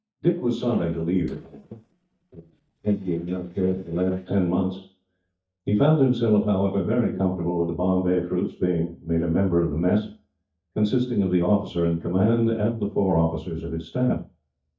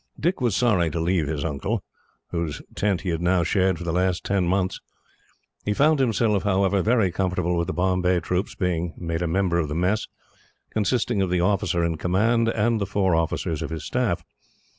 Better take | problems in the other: second | noise reduction (neural mask model DeepFilterNet 3)

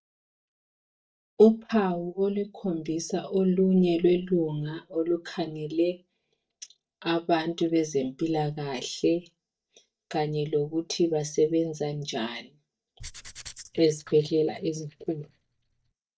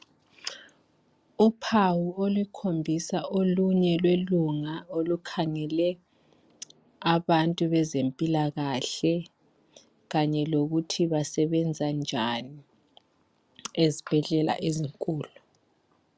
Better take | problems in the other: second | noise reduction (neural mask model DeepFilterNet 3)

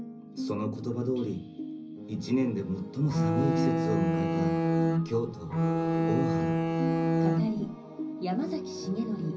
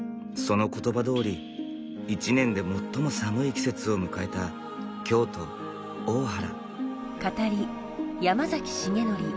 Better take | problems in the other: second | background sound (Bowed string instrument); 5 dB above the speech // room echo; dies away in 0.5 s

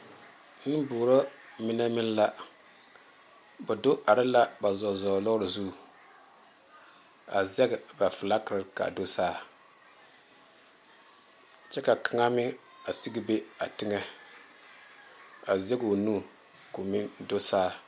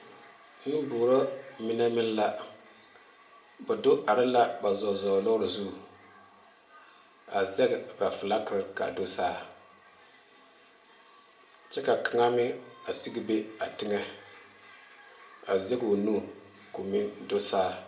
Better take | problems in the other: first | room echo; dies away in 0.5 s

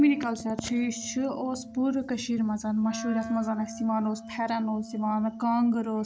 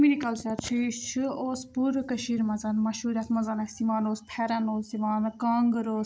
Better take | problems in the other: second | background sound (Wind instrument, woodwind instrument); 14 dB below the speech

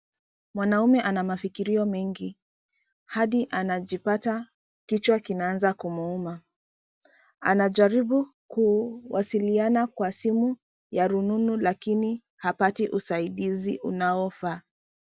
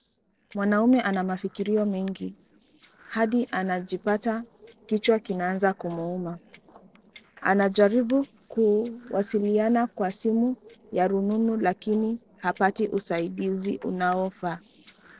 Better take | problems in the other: first | noise reduction (neural separator model SepFormer DNS4)

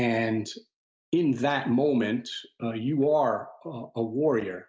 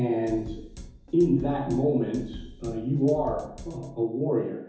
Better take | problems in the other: first | background sound (Drum kit); 15 dB below the speech // room echo; dies away in 0.7 s

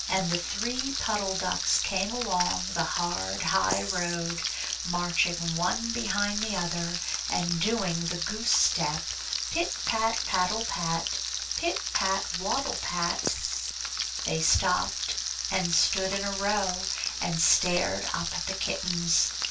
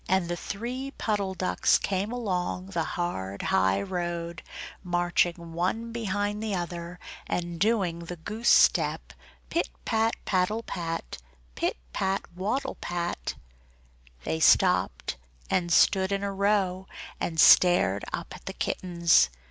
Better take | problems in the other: second | background sound (Frying (food)); 2 dB below the speech // room echo; dies away in 0.2 s

